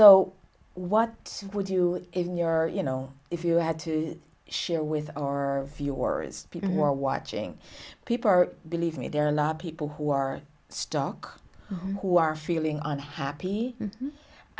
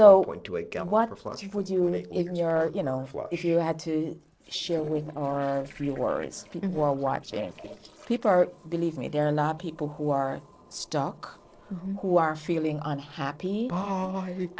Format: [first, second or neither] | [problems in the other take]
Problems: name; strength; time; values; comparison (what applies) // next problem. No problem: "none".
first | noise reduction (neural separator model SepFormer DNS4)